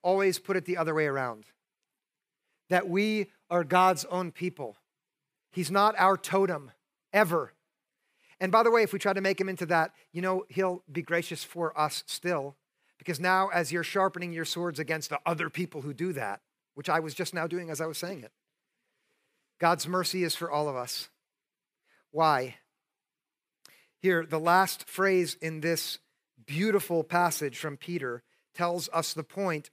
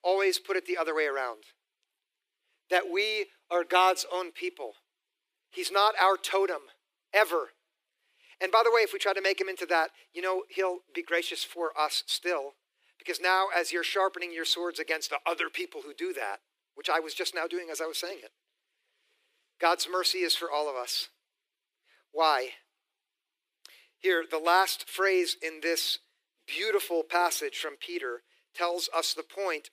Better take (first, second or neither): first